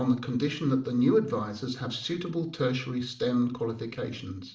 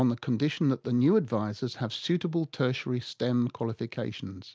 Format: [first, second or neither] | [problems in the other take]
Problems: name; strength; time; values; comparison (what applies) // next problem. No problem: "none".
second | room echo; dies away in 0.4 s